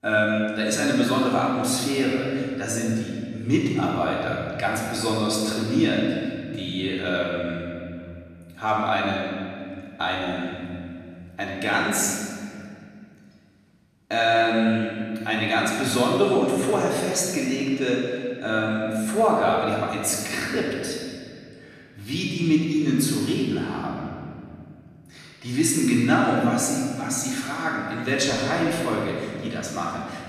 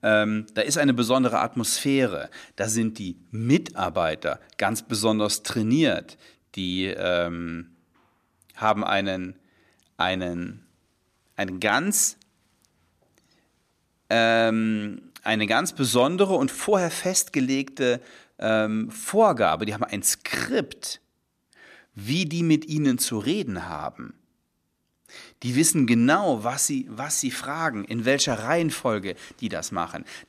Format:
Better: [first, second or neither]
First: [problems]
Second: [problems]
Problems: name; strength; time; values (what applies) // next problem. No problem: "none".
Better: second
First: off-mic speech; far // room echo; strong; dies away in 2.3 s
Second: none